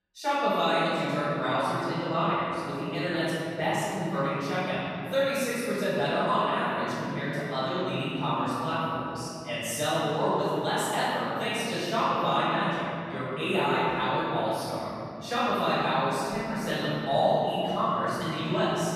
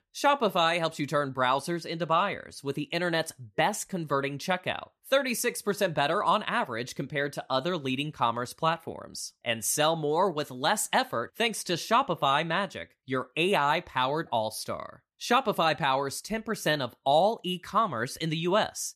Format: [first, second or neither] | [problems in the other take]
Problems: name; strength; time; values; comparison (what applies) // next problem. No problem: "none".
second | off-mic speech; far // room echo; strong; dies away in 3 s